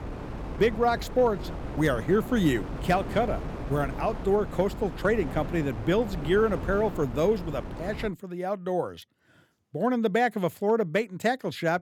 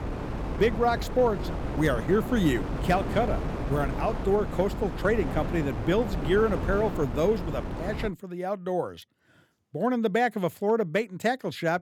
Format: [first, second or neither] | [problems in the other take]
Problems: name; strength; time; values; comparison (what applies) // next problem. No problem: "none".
first | wind noise on the microphone; heavy; until 8 s; 9 dB below the speech; occasional gusts in the first